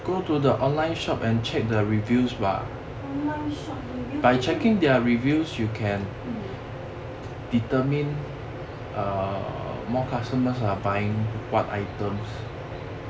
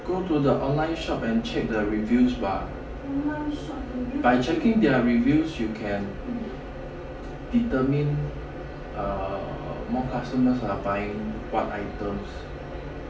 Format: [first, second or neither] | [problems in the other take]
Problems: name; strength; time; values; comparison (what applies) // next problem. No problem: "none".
first | room echo; dies away in 0.4 s